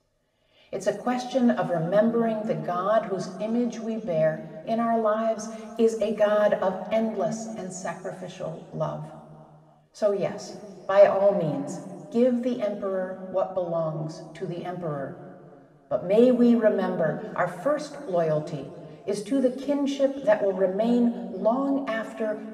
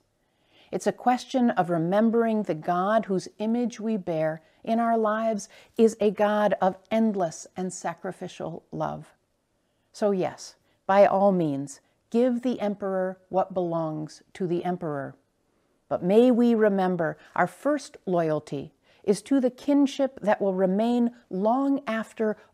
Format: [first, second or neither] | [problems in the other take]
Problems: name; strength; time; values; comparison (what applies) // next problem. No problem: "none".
second | room echo; noticeable; dies away in 1.8 s // off-mic speech; somewhat distant